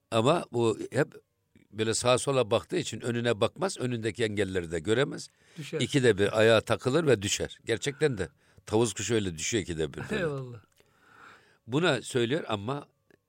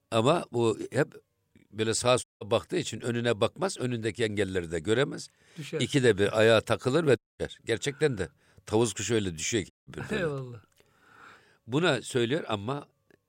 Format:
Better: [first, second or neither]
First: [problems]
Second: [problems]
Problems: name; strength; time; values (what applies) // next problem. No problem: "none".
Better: first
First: none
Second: audio cutting out; at 2 s, at 7 s and at 9.5 s